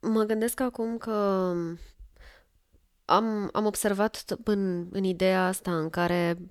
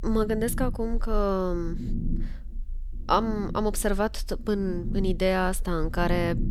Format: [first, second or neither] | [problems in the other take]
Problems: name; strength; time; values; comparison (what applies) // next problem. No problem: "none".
first | low rumble; noticeable; throughout; 15 dB below the speech